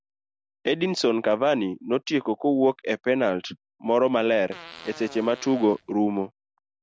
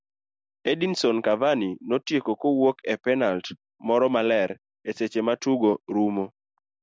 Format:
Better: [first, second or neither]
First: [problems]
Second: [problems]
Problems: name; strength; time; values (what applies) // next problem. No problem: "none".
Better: second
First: background sound (Fart); 20 dB below the speech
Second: none